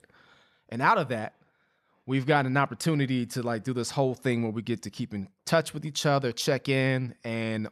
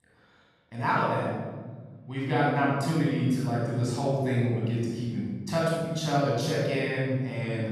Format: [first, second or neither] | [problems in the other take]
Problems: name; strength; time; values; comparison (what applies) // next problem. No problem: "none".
first | off-mic speech; far // room echo; strong; dies away in 1.8 s